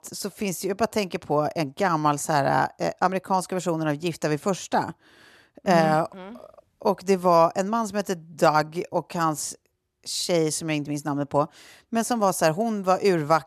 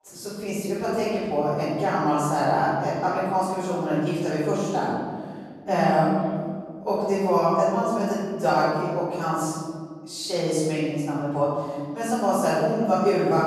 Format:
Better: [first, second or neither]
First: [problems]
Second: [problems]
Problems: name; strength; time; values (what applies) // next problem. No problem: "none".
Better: first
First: none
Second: room echo; strong; dies away in 2 s // off-mic speech; far